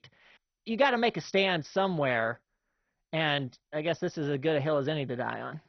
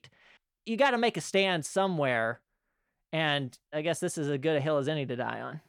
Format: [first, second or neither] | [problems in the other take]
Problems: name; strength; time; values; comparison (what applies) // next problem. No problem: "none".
second | garbled, watery; badly; nothing above 6 kHz